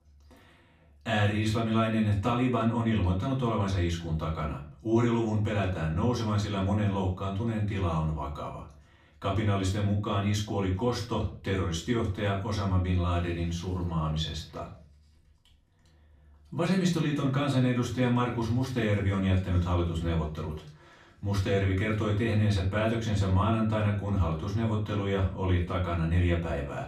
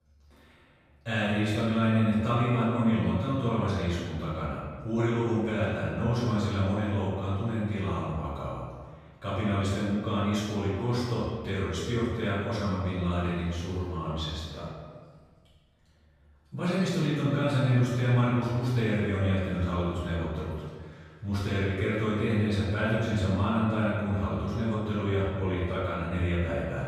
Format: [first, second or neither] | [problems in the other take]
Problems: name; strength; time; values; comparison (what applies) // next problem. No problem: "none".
first | room echo; strong; dies away in 1.4 s; slight in the first // off-mic speech; far; far in the first